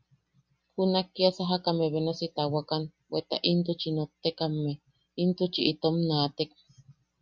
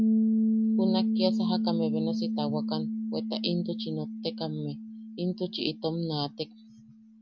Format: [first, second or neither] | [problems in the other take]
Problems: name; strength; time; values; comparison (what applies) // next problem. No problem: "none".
first | background sound (Piano); 4 dB above the speech